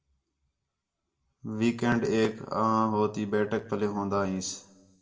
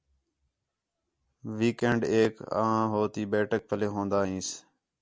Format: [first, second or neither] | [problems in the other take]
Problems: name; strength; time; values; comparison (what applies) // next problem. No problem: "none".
second | room echo; dies away in 0.6 s